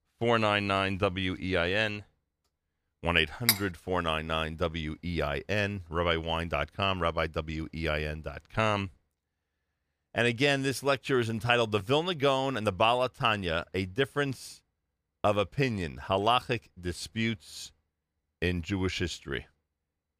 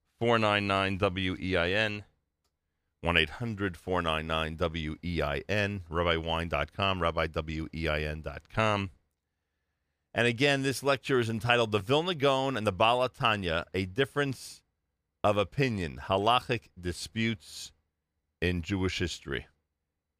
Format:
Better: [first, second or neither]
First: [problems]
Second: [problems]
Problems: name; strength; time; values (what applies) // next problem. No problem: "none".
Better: second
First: clattering dishes; loud; at 3.5 s; peak 2 dB above the speech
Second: none